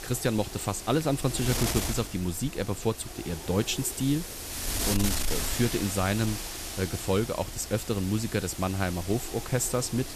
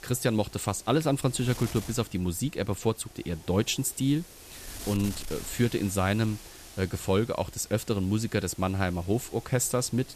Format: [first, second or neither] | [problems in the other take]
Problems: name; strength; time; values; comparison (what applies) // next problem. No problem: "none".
second | wind noise on the microphone; heavy; 4 dB below the speech; occasional gusts in the second